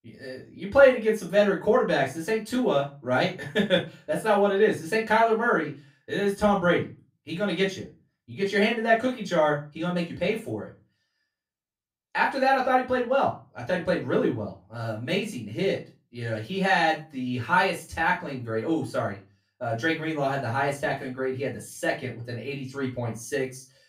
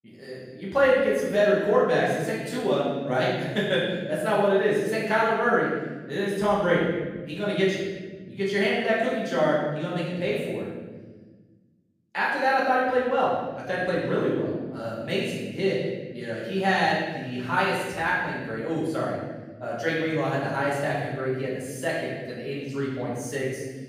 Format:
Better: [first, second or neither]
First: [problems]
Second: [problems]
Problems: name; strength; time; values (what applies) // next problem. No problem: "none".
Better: first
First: room echo; slight; dies away in 0.3 s // off-mic speech; far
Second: room echo; strong; dies away in 1.4 s // off-mic speech; far